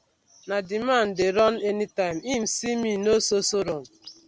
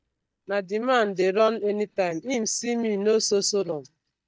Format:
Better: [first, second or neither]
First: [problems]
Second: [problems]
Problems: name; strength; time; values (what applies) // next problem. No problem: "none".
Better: first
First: none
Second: noise reduction (neural mask model DeepFilterNet 3)